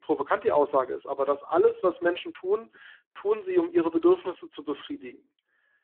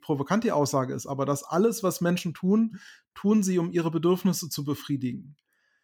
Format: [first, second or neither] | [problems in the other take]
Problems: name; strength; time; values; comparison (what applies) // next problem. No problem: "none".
second | phone-call audio; poor line